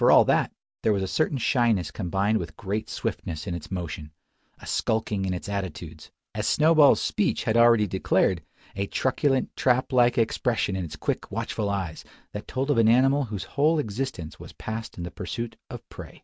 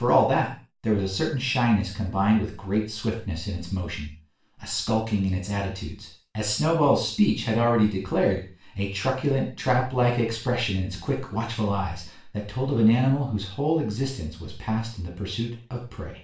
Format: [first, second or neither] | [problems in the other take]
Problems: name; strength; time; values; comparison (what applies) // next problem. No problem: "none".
first | room echo; dies away in 0.3 s